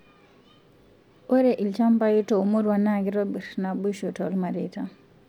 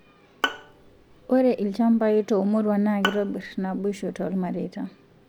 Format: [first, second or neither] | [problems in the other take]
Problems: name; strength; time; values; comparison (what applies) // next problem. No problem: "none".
first | background sound (Bowed string instrument); 10 dB below the speech